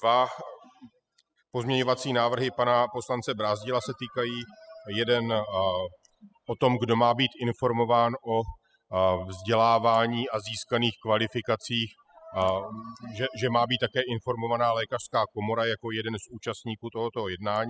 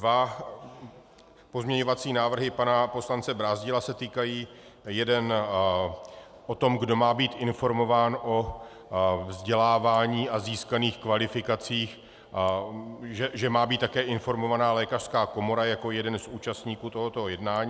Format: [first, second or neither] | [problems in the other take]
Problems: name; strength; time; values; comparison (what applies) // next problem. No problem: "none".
second | noise reduction (classical method spectral subtraction)